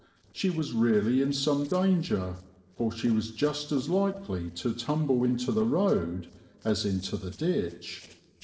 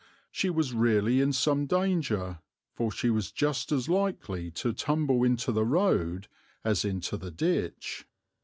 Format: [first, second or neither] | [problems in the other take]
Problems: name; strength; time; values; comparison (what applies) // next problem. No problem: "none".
second | noise reduction (neural separator model SepFormer DNS4)